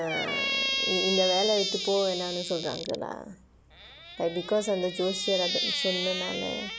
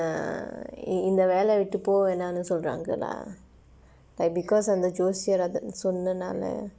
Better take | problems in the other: second | background sound (Squeak); 2 dB below the speech

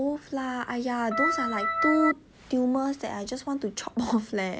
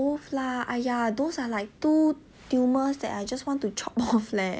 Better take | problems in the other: second | background sound (Organ); 2 dB above the speech

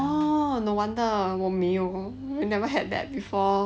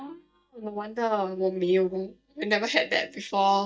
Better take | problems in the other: first | noise reduction (neural mask model DeepFilterNet 3)

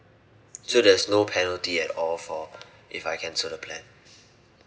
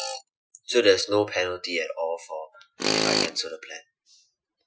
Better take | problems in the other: first | noise reduction (classical method Wiener filter)

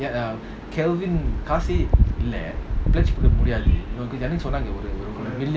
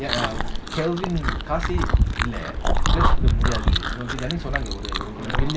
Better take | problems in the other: first | background sound (Chewing, mastication); 1 dB below the speech

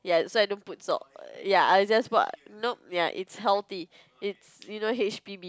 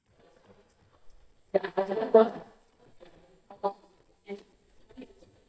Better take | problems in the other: first | noise reduction (neural mask model DeepFilterNet 3)

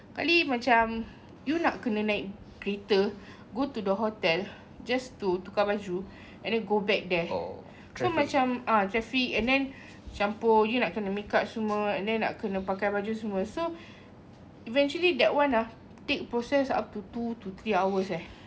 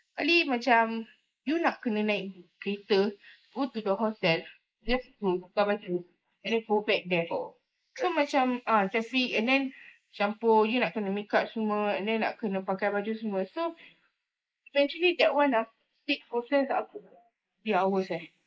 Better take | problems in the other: first | noise reduction (neural mask model Resemble Enhance denoiser)

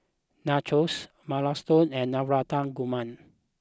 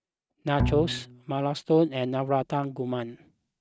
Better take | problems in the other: first | noise reduction (neural mask model RNNoise)

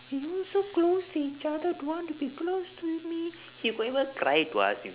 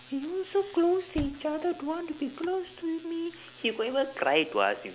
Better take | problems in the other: first | background sound (Thump, thud); 14 dB below the speech

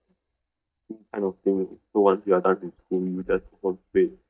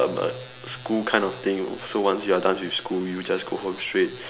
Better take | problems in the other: second | noise reduction (neural mask model DeepFilterNet 3)

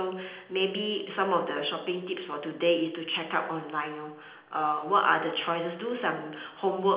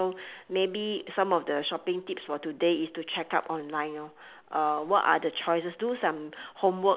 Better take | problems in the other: second | room echo; dies away in 0.8 s

